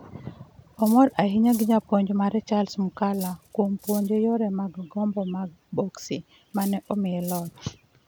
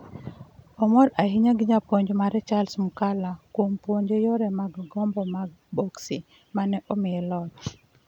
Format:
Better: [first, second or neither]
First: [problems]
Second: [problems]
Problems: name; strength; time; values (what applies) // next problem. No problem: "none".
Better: second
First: background sound (Cutlery, silverware); 19 dB below the speech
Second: none